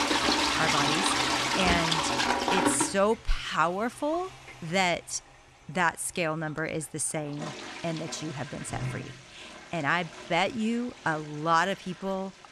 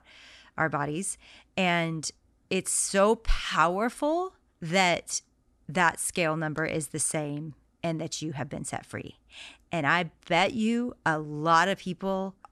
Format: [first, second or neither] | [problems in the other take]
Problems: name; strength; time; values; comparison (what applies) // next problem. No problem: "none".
second | household noises; very loud; throughout; 3 dB above the speech